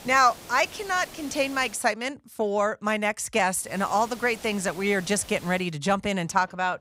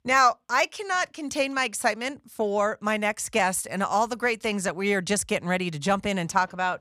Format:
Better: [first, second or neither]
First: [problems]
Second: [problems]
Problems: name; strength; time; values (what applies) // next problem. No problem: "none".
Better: second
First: hiss; noticeable; until 2 s and from 3.5 to 5.5 s; 20 dB below the speech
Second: none